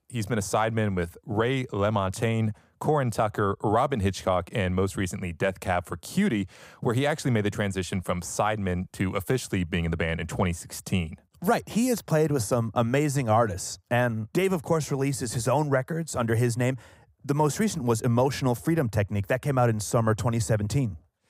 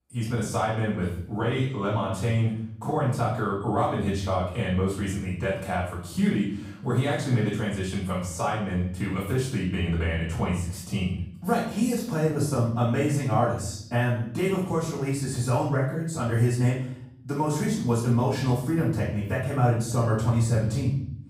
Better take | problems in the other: first | room echo; noticeable; dies away in 0.6 s // off-mic speech; far

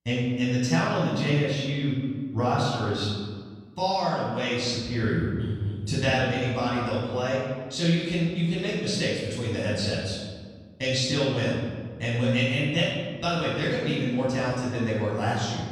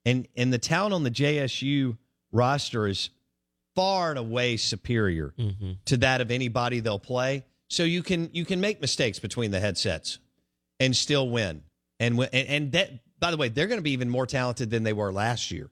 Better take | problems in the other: second | off-mic speech; far // room echo; strong; dies away in 1.5 s

